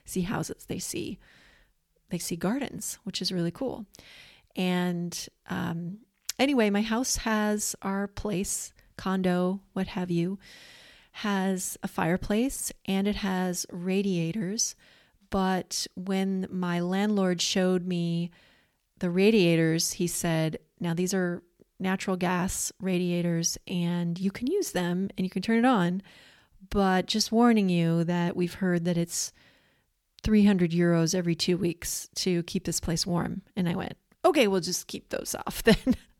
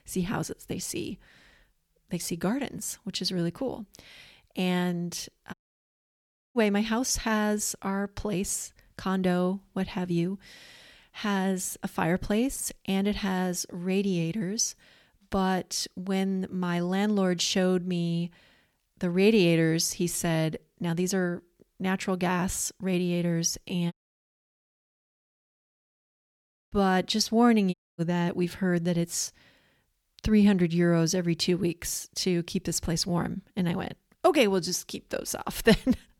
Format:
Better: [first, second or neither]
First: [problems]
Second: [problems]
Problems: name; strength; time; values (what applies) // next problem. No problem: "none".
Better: first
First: none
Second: audio cutting out; at 5.5 s for 1 s, at 24 s for 3 s and at 28 s